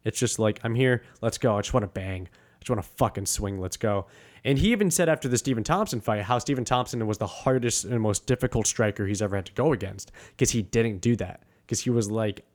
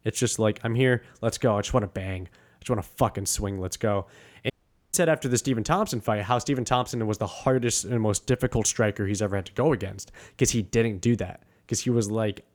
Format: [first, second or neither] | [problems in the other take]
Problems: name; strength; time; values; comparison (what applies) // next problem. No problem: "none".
first | audio cutting out; at 4.5 s